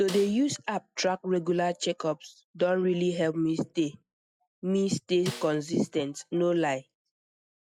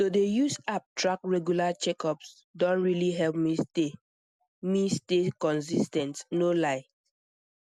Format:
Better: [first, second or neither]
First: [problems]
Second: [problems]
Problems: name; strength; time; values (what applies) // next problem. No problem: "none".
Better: second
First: noise reduction (classical method log-MMSE)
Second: none